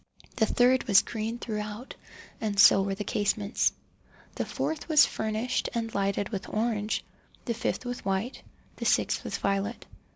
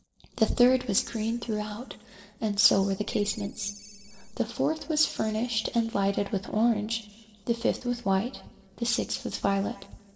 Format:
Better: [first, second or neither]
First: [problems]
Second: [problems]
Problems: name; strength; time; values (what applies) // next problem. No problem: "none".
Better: first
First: none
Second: noise reduction (neural separator model SepFormer DNS4)